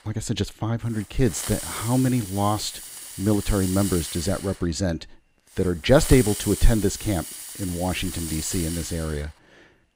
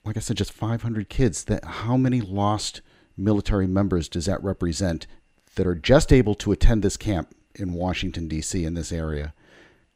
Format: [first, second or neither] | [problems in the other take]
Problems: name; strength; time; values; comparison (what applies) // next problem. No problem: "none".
second | hiss; loud; throughout; 8 dB below the speech